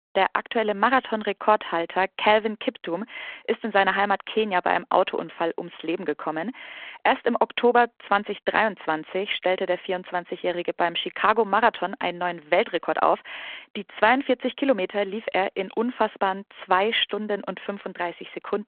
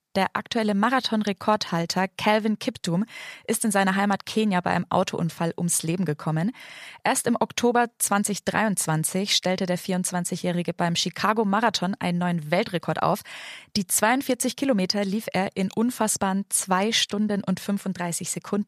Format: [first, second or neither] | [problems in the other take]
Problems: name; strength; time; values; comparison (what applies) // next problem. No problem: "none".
second | phone-call audio